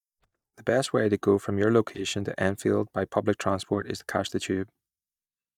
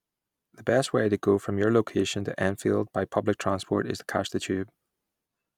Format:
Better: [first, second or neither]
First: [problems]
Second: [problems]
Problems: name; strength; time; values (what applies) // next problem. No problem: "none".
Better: second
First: noise reduction (neural mask model DeepFilterNet 3)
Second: none